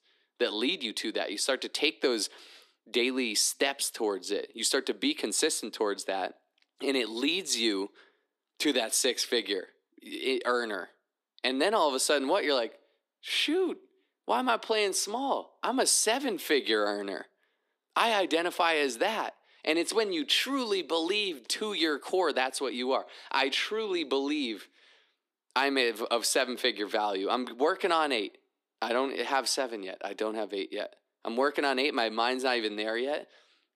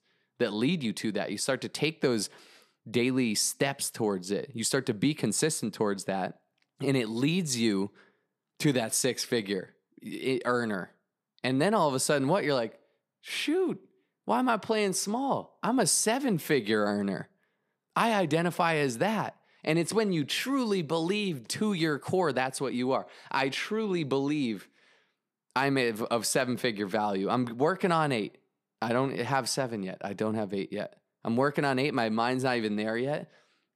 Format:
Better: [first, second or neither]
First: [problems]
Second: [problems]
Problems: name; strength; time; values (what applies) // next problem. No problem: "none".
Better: second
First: thin; very slightly; fading below 250 Hz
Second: none